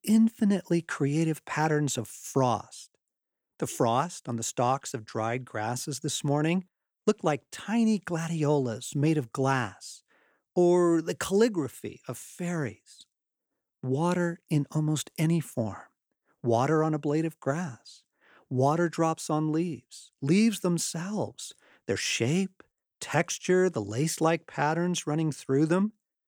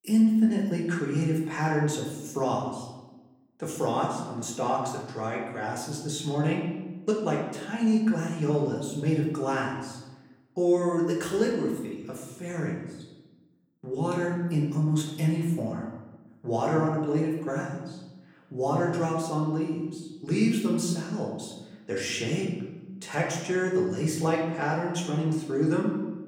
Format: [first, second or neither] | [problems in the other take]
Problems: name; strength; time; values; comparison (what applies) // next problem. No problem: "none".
first | room echo; noticeable; dies away in 1 s // off-mic speech; far